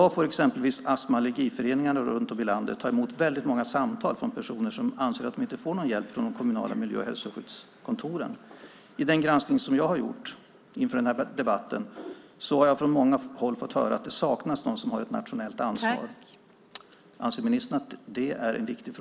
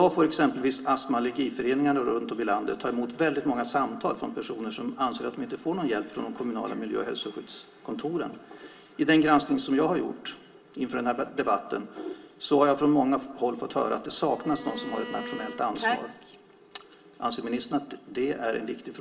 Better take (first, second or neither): first